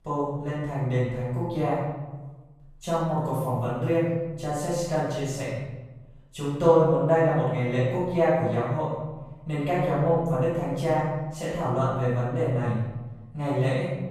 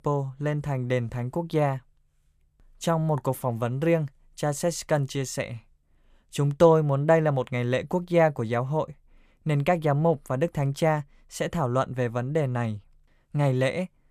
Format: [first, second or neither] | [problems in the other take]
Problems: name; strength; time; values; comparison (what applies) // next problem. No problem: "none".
second | off-mic speech; far // room echo; strong; dies away in 1.1 s